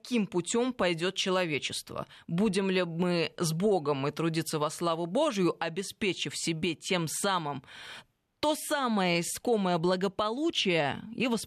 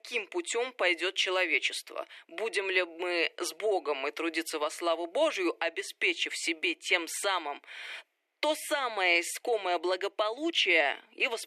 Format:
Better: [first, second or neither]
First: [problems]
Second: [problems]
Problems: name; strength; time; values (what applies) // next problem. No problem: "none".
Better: first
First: none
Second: thin; very; fading below 300 Hz